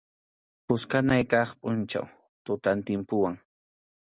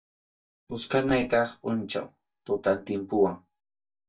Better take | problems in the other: first | noise reduction (neural mask model DeepFilterNet 3)

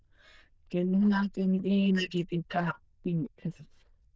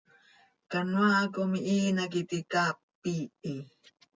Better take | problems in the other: second | noise reduction (neural diffusion model UNIVERSE++)

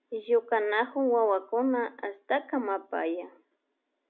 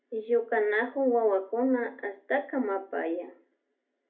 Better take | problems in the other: first | room echo; dies away in 0.3 s

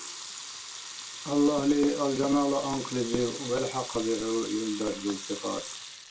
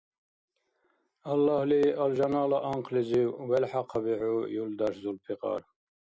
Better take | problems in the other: second | background sound (Sink (filling or washing) / Water tap, faucet / Liquid); 11 dB below the speech // room echo; dies away in 0.2 s

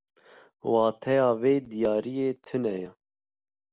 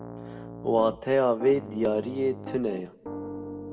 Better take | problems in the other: first | background sound (Piano); 12 dB below the speech // room echo; dies away in 1.6 s

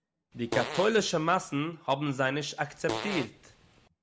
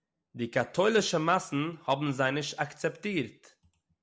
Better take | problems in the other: second | background sound (Fart); 8 dB below the speech

